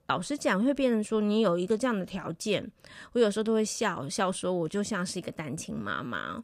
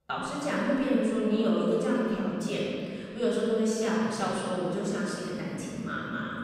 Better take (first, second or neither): first